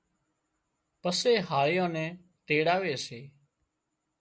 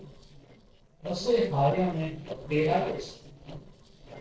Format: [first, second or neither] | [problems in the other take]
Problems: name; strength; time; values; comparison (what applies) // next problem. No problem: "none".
first | noise reduction (neural separator model SepFormer DNS4)